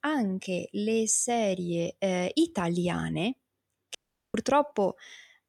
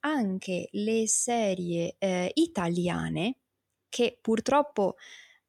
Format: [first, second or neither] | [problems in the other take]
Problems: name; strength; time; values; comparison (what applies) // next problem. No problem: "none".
second | audio cutting out; at 4 s